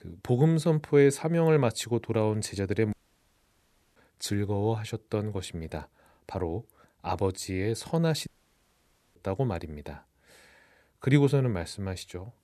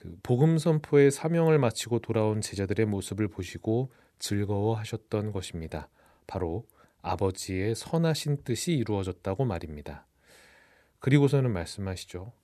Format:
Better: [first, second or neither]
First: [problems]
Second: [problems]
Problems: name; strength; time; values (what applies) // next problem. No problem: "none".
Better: second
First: audio cutting out; at 3 s for 1 s and at 8.5 s for 1 s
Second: none